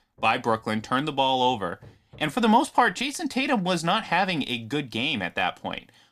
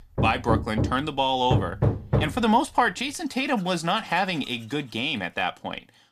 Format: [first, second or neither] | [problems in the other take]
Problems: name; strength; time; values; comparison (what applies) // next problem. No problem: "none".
first | machinery noise; loud; until 4.5 s; 2 dB below the speech; faint in the first